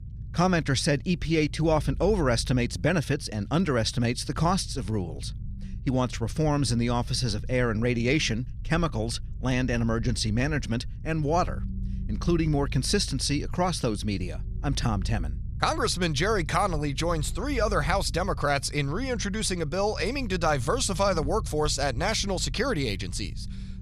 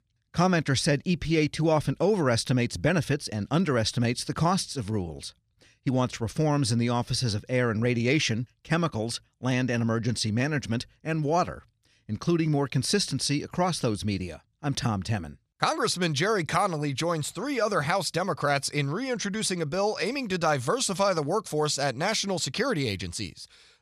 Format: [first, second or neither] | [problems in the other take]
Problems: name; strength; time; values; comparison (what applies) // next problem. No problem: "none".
second | low rumble; faint; throughout; 25 dB below the speech